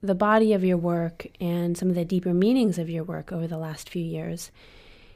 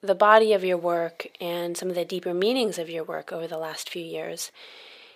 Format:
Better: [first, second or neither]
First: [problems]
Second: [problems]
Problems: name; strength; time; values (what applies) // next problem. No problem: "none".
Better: first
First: none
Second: thin; very; fading below 550 Hz